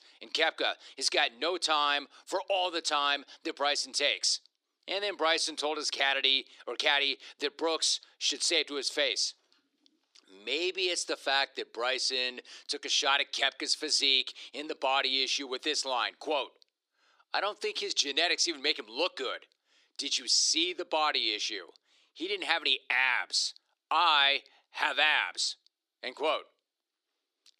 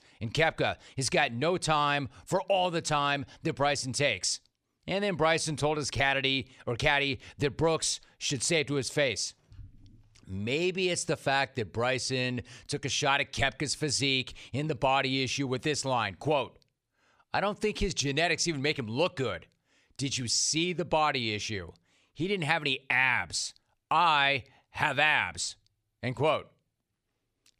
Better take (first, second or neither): second